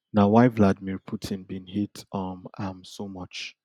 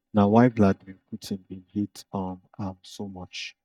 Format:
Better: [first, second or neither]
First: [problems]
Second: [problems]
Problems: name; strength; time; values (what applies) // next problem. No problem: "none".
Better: first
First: none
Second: noise reduction (neural mask model DeepFilterNet 3)